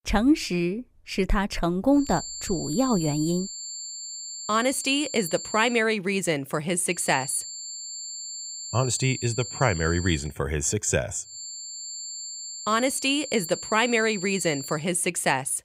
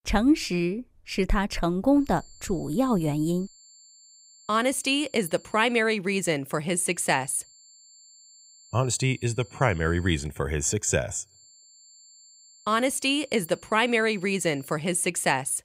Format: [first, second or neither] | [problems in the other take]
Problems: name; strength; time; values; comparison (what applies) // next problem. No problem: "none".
second | high-pitched whine; loud; from 2 to 6 s, from 7 to 10 s and from 11 to 15 s; 7.5 kHz, 9 dB below the speech; faint in the second